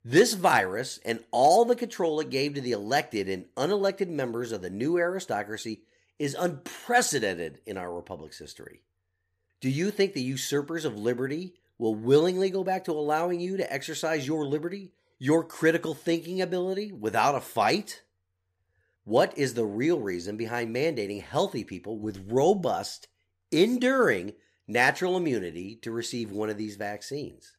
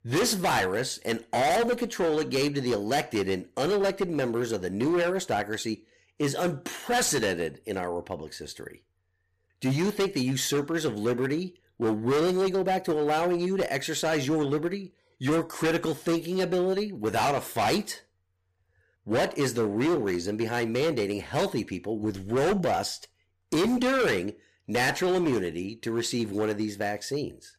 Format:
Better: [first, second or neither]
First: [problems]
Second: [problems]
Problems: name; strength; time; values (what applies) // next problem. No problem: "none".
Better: first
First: none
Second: distortion; heavy; 15% of the sound clipped